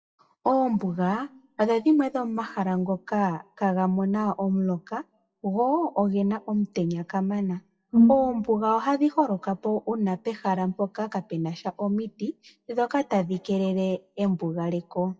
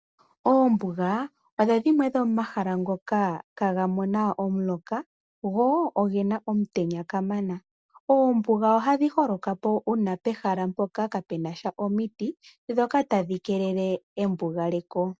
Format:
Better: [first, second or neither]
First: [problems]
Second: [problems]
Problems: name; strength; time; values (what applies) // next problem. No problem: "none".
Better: second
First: noise reduction (classical method WPE with log-MMSE)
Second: none